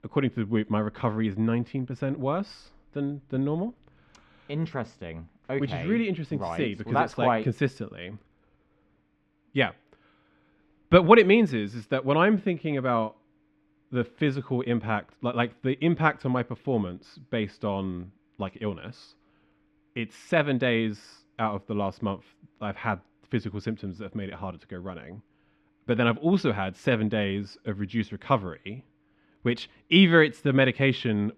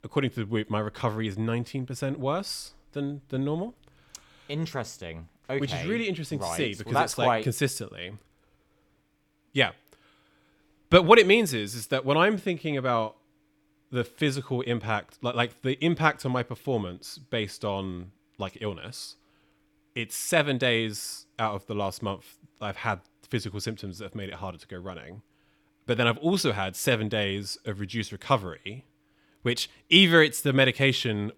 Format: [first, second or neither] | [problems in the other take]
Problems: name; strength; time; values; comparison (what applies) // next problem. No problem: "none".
second | muffled; slightly; fading above 2.5 kHz